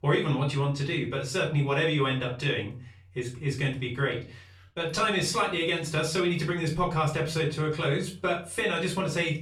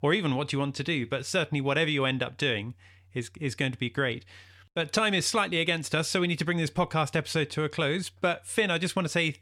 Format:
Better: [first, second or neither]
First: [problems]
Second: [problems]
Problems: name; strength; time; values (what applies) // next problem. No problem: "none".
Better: second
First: off-mic speech; far // room echo; slight; dies away in 0.3 s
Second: none